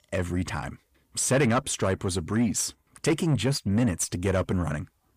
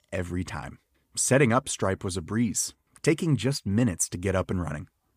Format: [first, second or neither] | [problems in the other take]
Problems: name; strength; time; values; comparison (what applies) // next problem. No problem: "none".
second | distortion; slight; 10 dB below the speech